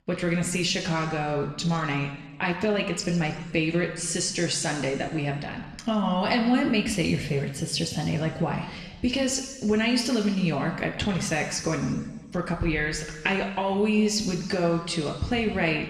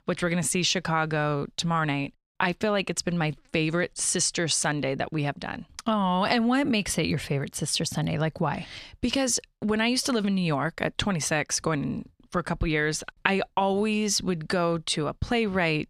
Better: second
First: room echo; noticeable; dies away in 1.3 s // off-mic speech; somewhat distant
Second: none

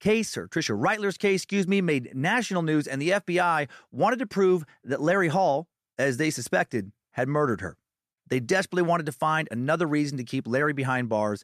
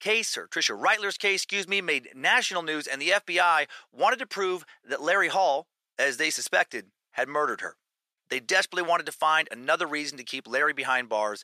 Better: first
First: none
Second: thin; very; fading below 600 Hz

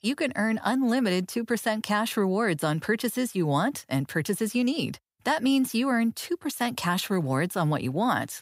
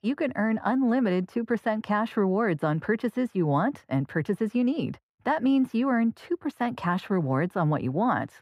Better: first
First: none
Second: muffled; very; fading above 3.5 kHz

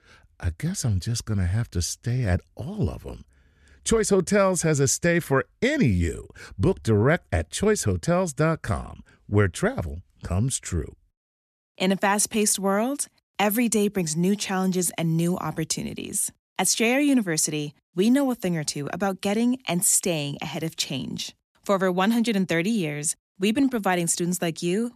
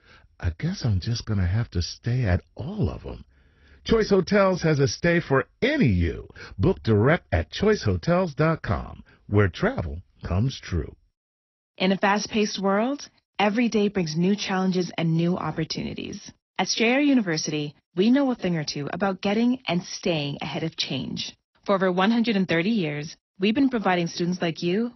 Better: first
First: none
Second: garbled, watery; slightly; nothing above 6 kHz

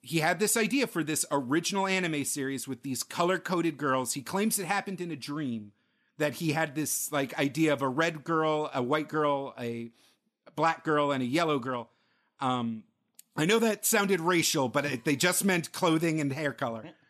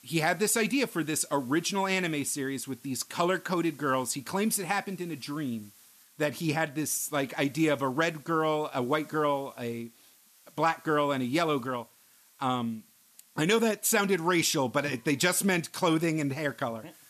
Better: first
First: none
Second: hiss; faint; throughout; 25 dB below the speech

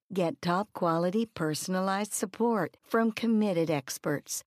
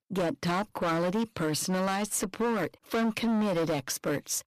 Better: first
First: none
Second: distortion; heavy; 19% of the sound clipped

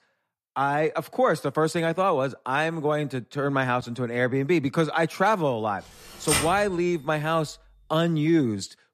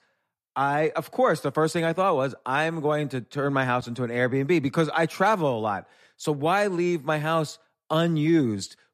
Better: second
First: keyboard typing; loud; at 6.5 s; peak level with the speech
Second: none

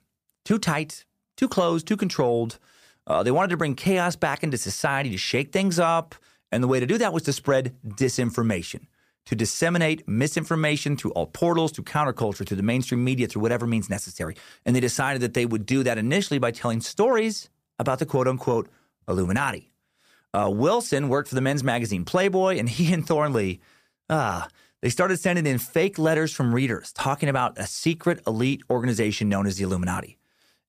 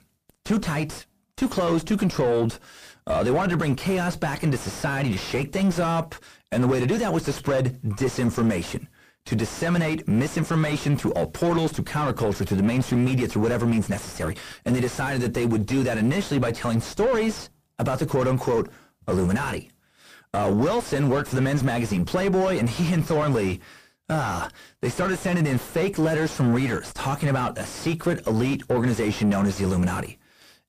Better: first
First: none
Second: distortion; heavy; 4 dB below the speech

